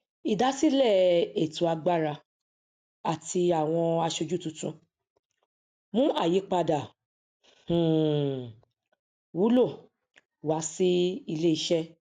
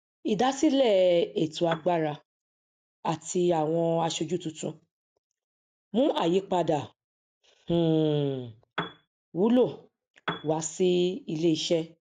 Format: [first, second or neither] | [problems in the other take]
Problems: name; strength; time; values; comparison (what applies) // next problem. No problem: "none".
first | noise reduction (neural mask model DeepFilterNet 3)